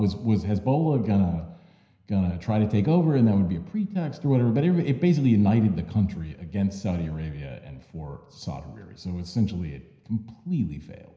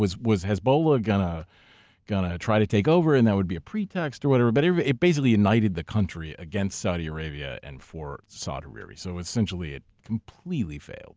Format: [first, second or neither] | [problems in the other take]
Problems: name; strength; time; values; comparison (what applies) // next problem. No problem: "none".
second | room echo; dies away in 0.9 s